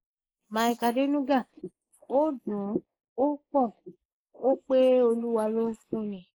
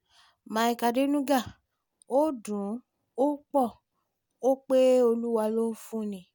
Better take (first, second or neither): second